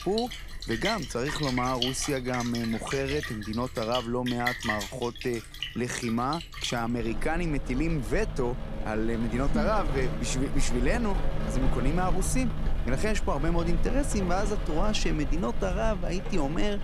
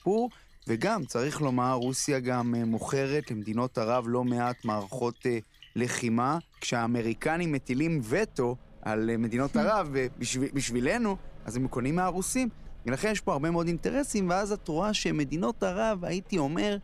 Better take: second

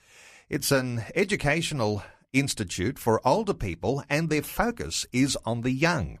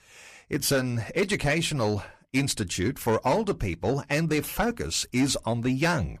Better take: first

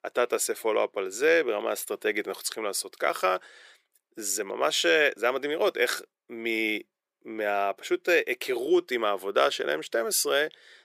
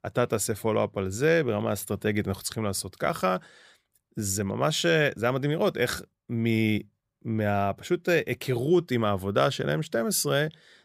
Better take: second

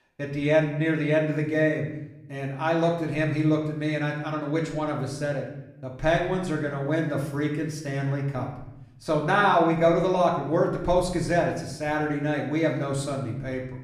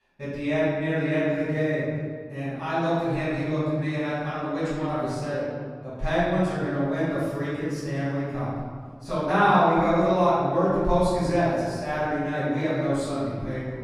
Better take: first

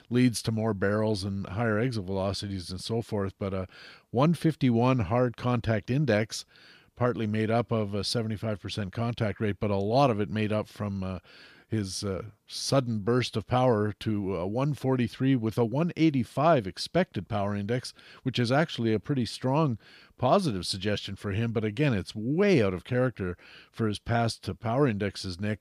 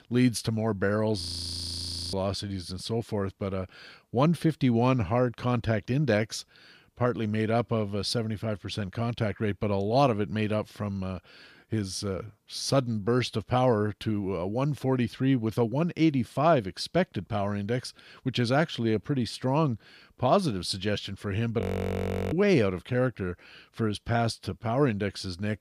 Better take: first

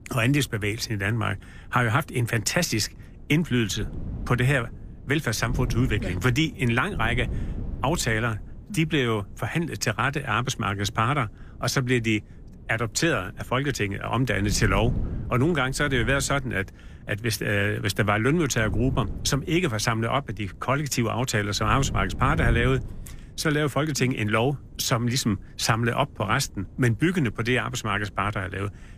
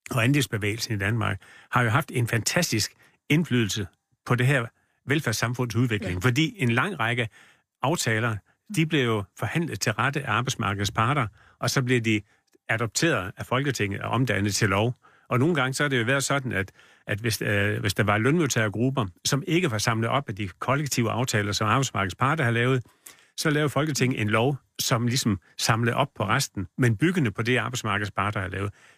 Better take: second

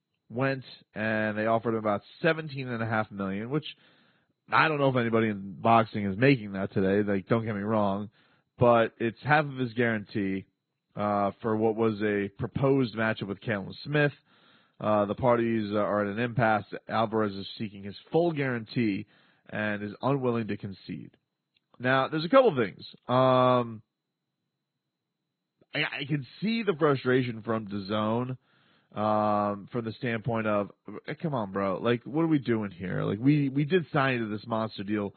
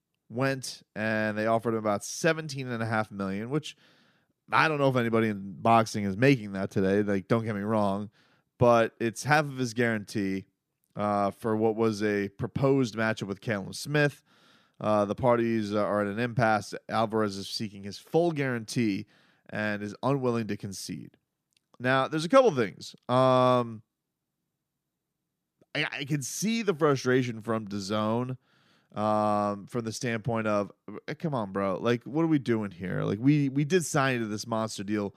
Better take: second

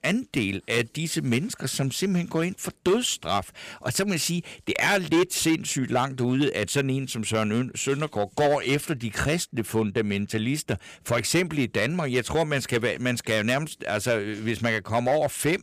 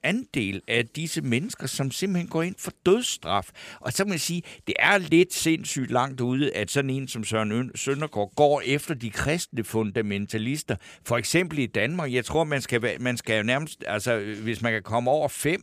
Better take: second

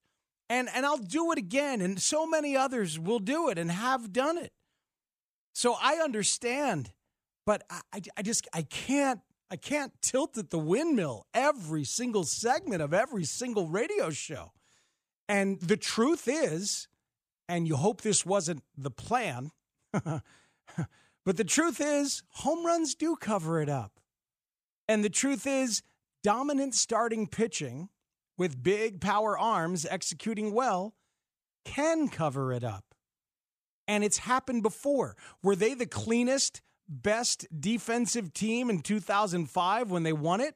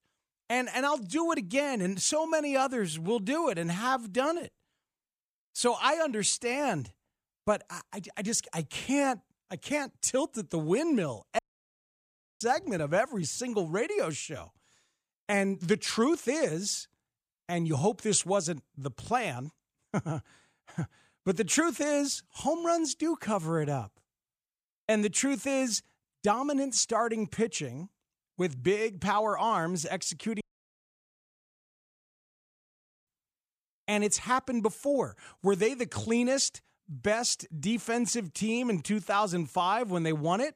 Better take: first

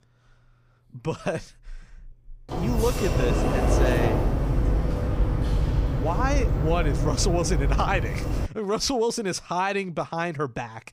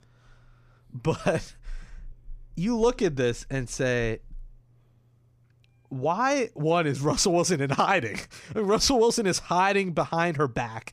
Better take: second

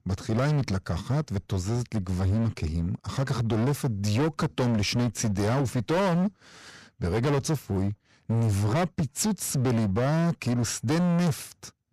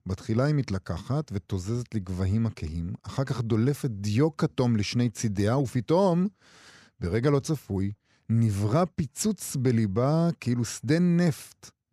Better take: second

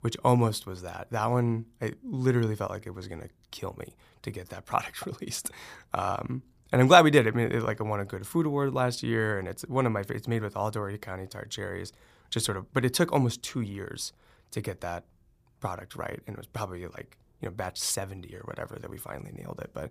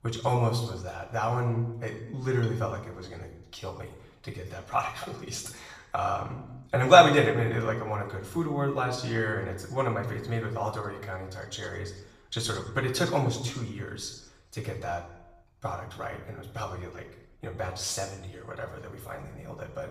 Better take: first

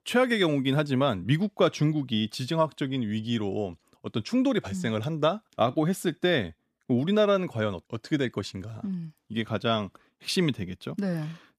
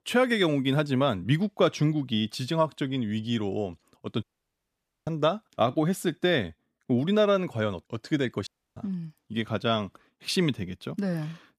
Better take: first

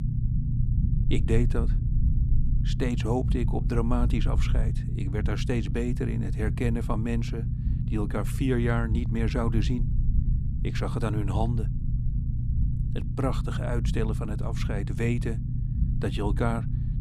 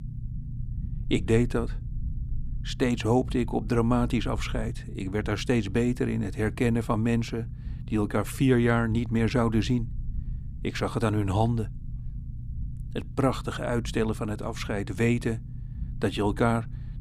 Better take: second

